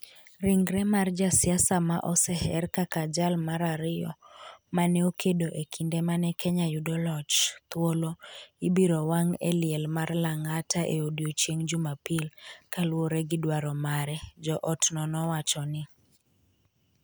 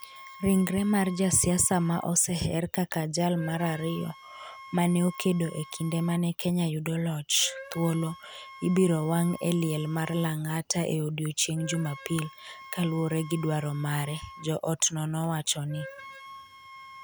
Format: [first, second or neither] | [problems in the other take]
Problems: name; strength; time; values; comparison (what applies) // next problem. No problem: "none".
first | background sound (Wind instrument, woodwind instrument); 19 dB below the speech